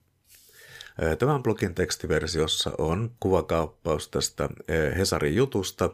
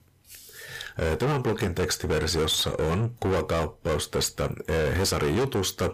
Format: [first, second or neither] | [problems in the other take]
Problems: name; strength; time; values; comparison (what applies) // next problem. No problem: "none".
first | distortion; heavy; 6 dB below the speech